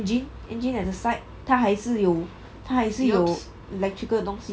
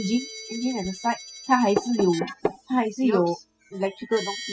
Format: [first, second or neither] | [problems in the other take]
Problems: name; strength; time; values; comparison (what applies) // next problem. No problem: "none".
first | noise reduction (classical method spectral subtraction)